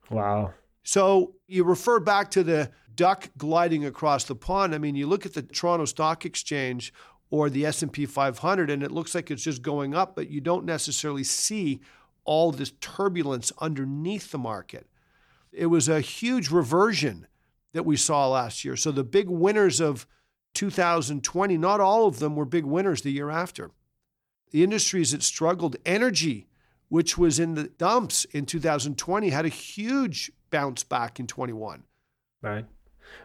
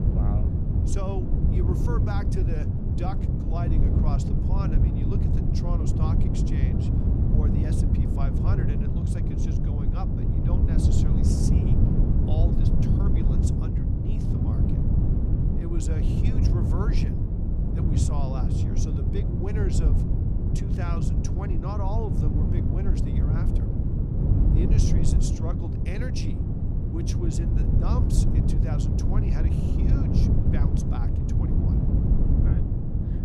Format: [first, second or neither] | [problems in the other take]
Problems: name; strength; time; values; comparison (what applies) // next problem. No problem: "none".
first | wind noise on the microphone; heavy; 4 dB above the speech